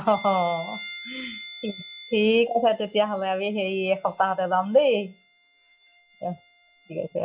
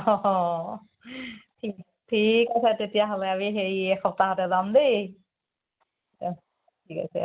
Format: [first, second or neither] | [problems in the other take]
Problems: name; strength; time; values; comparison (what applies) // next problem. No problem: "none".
second | noise reduction (classical method log-MMSE)